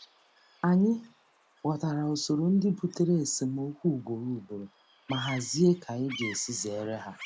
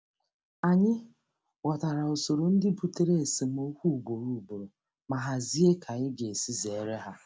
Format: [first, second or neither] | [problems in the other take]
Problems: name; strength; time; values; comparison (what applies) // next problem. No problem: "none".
second | background sound (Bird vocalization, bird call, bird song); 18 dB below the speech